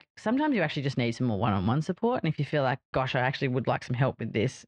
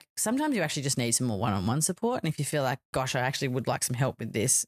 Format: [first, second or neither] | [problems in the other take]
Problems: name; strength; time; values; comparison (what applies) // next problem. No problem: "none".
second | muffled; very; fading above 3.5 kHz